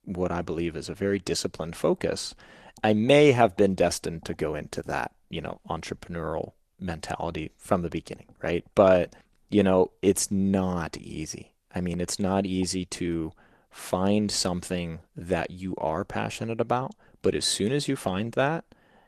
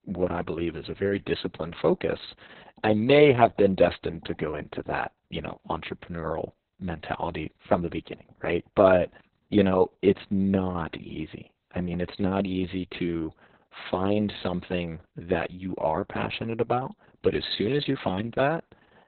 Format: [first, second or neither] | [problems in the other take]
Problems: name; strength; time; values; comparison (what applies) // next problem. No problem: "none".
first | garbled, watery; badly; nothing above 4 kHz; slightly in the first